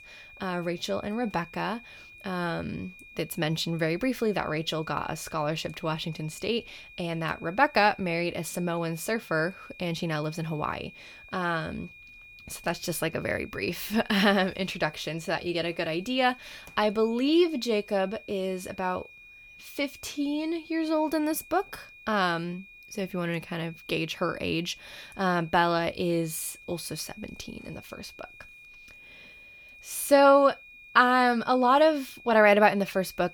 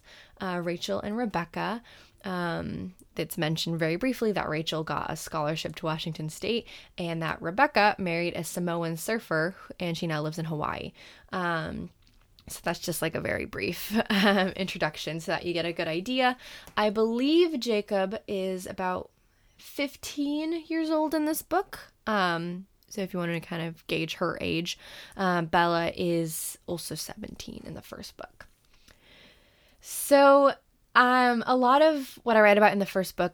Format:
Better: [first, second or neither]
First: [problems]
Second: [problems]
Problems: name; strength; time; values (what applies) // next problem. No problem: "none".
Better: second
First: high-pitched whine; faint; throughout; 2.5 kHz, 20 dB below the speech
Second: none